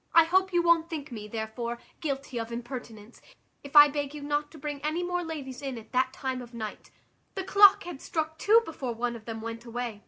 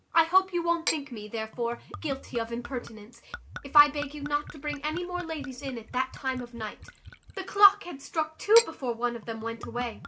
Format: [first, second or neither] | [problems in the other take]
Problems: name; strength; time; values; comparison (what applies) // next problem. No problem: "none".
first | background sound (Gurgling / Chink, clink / Liquid); 14 dB below the speech // room echo; dies away in 0.2 s